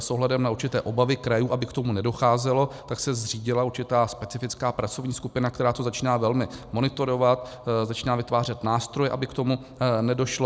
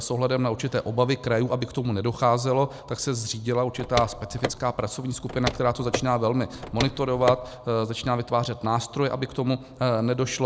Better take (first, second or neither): first